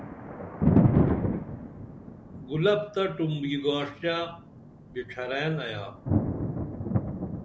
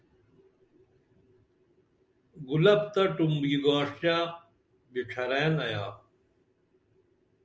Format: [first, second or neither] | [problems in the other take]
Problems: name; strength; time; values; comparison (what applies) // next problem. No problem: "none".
second | background sound (Thunder); 3 dB above the speech